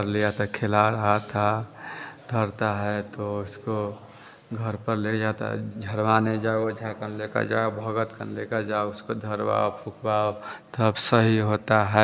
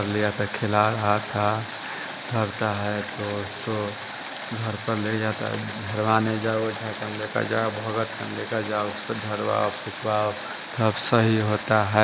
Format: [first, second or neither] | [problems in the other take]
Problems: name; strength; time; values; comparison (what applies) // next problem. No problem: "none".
first | background sound (Water); 10 dB below the speech